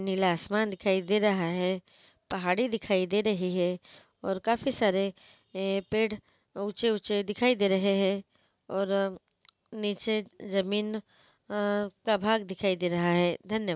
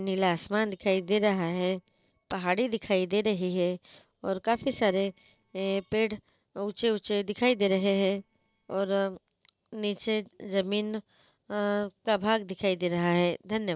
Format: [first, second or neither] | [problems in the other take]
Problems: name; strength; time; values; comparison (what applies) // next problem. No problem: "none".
first | noise reduction (neural separator model SepFormer DNS4)